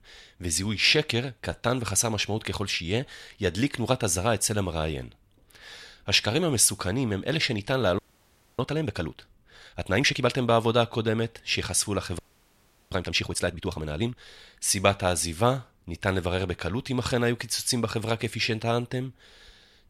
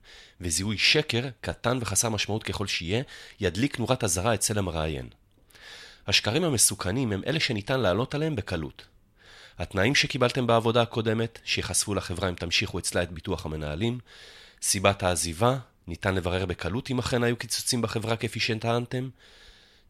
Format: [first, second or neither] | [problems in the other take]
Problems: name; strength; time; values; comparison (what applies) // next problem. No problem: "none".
second | audio freezing; at 8 s for 0.5 s and at 12 s for 0.5 s